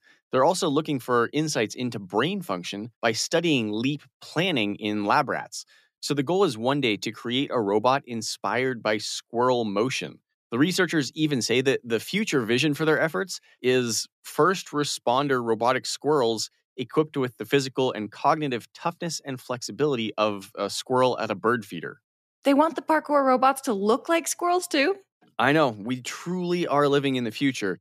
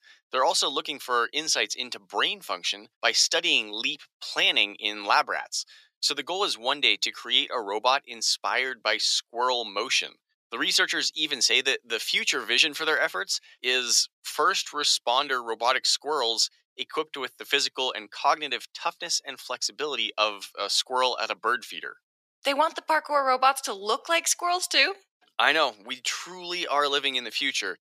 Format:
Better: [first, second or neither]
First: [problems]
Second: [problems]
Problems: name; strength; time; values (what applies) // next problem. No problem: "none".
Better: first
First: none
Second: thin; very; fading below 650 Hz